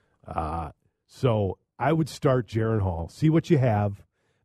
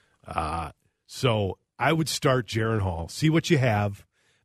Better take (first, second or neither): second